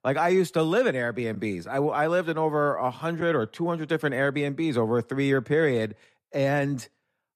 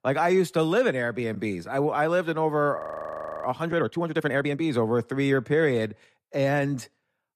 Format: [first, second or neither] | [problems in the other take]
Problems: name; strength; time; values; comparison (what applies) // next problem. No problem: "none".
first | audio freezing; at 3 s for 0.5 s